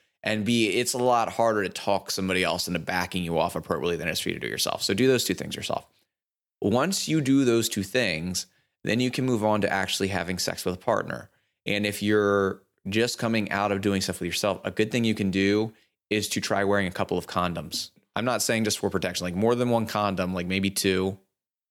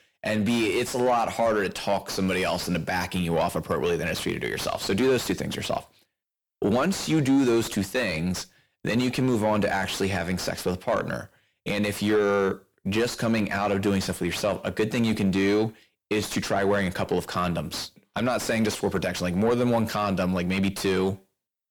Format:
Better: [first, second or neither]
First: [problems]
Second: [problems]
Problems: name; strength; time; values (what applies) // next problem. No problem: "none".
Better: first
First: none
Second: distortion; heavy; 8 dB below the speech